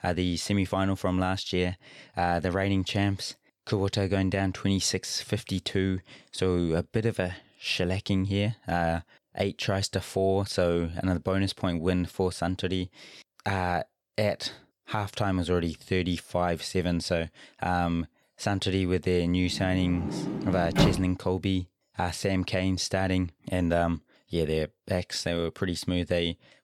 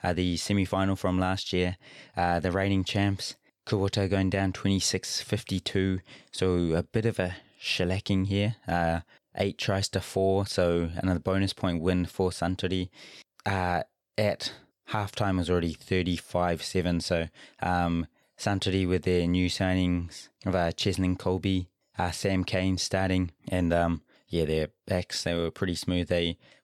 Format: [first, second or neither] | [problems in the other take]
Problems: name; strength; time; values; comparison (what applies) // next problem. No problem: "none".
second | door banging; loud; from 20 to 21 s; peak 4 dB above the speech